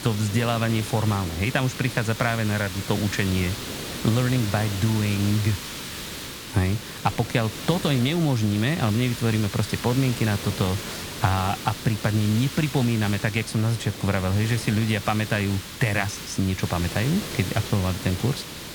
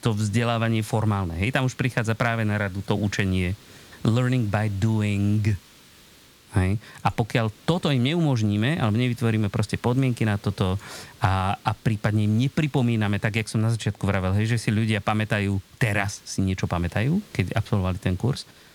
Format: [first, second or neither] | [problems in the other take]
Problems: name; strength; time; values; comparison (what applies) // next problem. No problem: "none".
second | hiss; loud; throughout; 8 dB below the speech; faint in the second